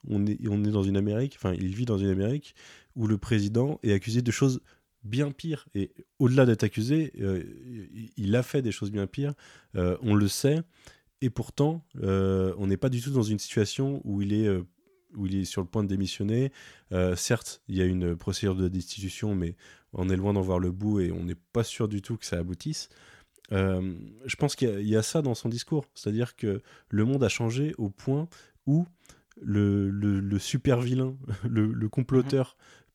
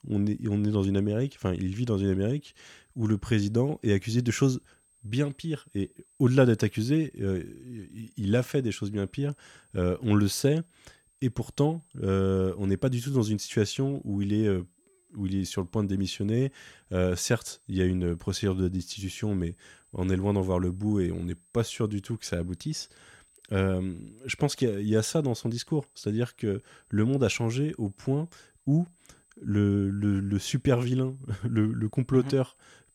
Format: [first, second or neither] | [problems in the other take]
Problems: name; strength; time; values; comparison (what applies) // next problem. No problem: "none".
first | high-pitched whine; faint; throughout; 8 kHz, 35 dB below the speech